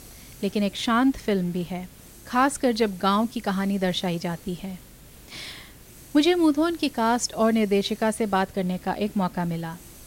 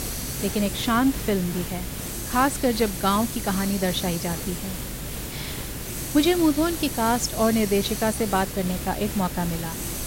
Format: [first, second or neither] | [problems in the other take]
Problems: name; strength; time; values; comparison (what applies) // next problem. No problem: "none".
first | hiss; loud; throughout; 6 dB below the speech; faint in the first